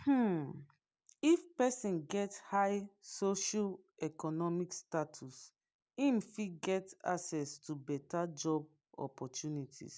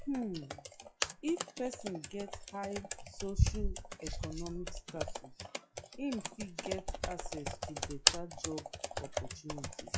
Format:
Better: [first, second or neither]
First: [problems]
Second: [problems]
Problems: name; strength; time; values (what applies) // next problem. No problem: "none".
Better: first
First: none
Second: noise reduction (classical method WPE with log-MMSE)